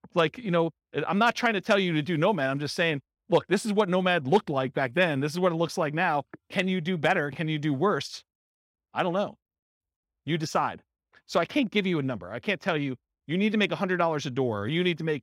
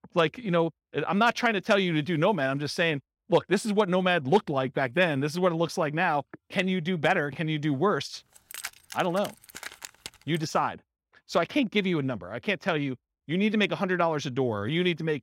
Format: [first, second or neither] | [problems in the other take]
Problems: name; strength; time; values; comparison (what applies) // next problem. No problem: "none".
first | jangling keys; faint; from 8.5 to 10 s; peak 10 dB below the speech